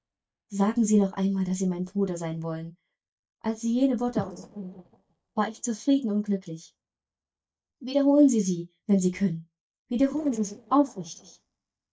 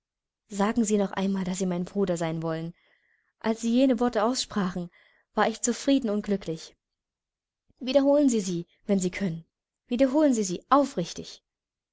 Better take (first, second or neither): second